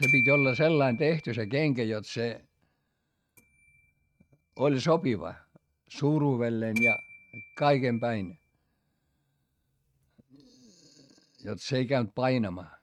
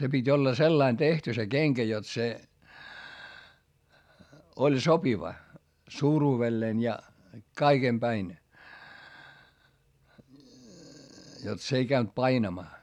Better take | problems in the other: second | noise reduction (neural mask model RNNoise)

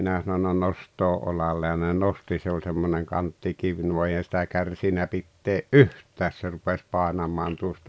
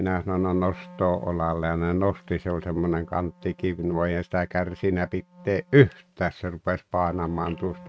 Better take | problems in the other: first | noise reduction (neural mask model RNNoise)

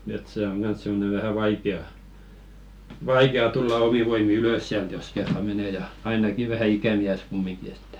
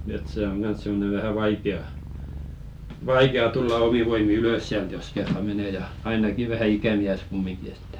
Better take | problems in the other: first | background sound (Purr); 13 dB below the speech

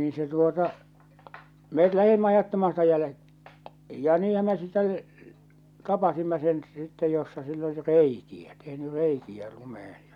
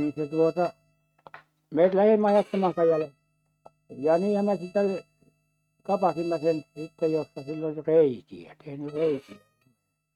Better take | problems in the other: first | noise reduction (neural mask model RNNoise)

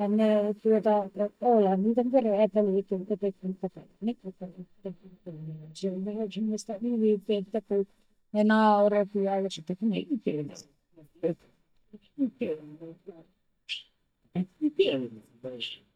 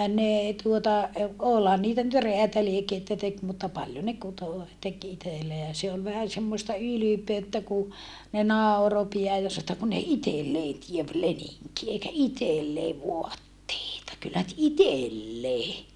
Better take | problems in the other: second | noise reduction (neural mask model DeepFilterNet 3)

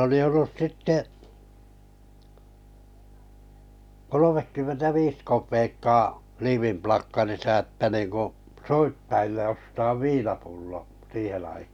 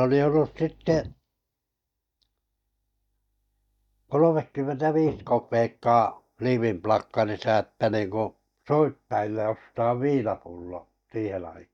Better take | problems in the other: first | noise reduction (neural mask model DeepFilterNet 3)

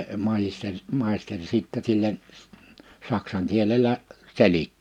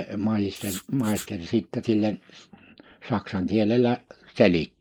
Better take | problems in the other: first | noise reduction (neural mask model Resemble Enhance denoiser)

